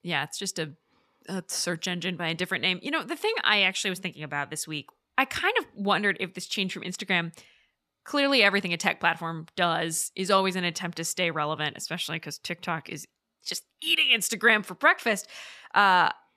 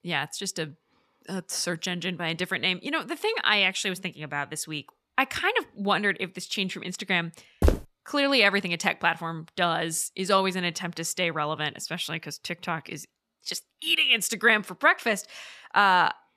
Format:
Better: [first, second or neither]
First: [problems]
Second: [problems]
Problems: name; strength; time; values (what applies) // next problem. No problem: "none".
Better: first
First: none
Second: footsteps; noticeable; at 7.5 s; peak level with the speech